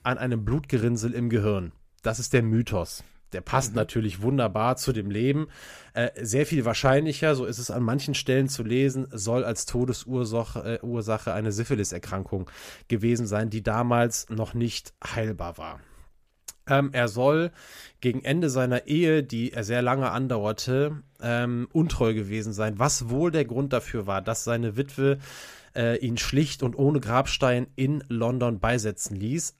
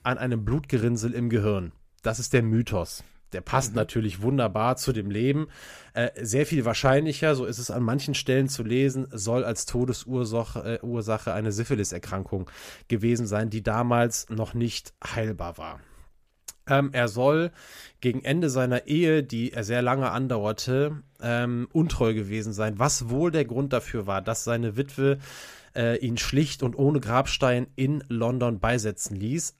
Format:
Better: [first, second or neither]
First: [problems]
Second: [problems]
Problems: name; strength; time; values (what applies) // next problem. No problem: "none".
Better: neither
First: none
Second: none